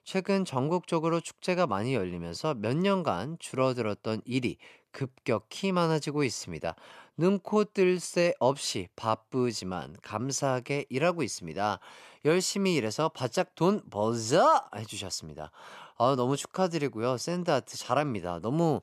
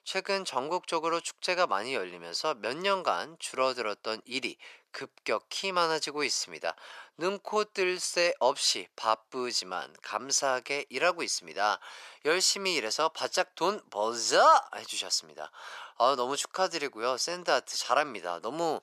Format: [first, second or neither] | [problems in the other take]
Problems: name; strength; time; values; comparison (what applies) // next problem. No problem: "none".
first | thin; very; fading below 550 Hz